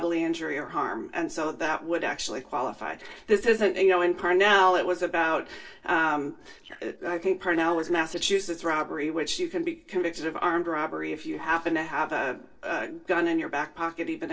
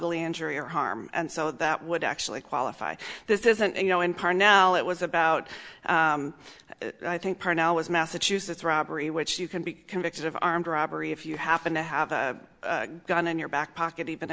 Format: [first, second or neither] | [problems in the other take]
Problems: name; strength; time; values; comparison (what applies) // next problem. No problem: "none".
second | noise reduction (neural separator model SepFormer DNS4)